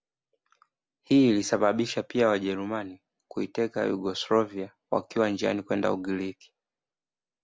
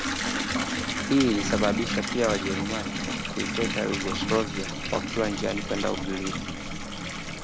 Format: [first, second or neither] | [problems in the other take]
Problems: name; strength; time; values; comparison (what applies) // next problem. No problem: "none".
first | background sound (Bathtub (filling or washing) / Water tap, faucet); 1 dB below the speech